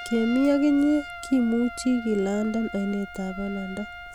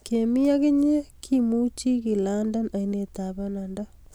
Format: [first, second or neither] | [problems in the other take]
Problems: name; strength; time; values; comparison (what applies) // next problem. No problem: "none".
second | background sound (Trumpet); 14 dB below the speech